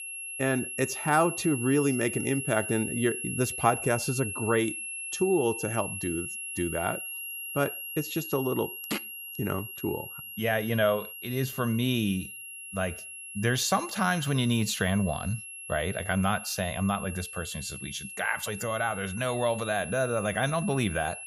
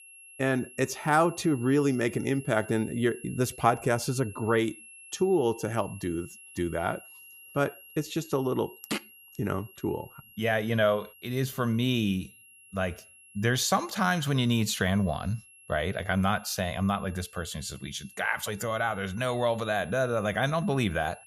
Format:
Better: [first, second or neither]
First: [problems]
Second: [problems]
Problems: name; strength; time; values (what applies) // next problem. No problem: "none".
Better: second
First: high-pitched whine; loud; throughout; 2.5 kHz, 7 dB below the speech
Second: high-pitched whine; faint; throughout; 2.5 kHz, 20 dB below the speech